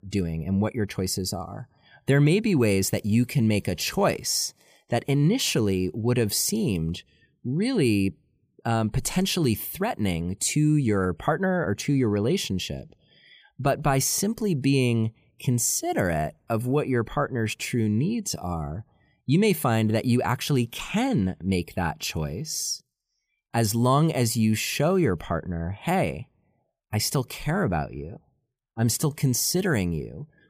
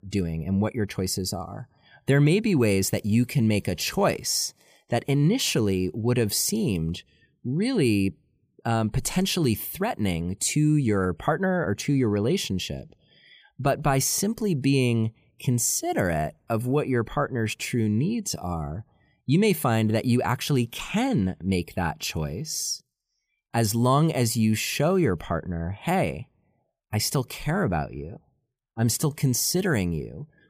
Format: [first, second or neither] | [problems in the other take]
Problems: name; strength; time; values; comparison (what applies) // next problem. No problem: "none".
neither | none